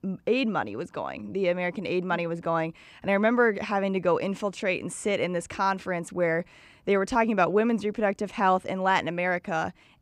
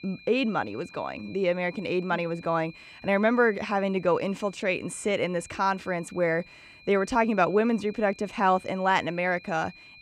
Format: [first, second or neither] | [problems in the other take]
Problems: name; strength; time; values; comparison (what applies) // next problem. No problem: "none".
first | high-pitched whine; faint; throughout; 2.5 kHz, 20 dB below the speech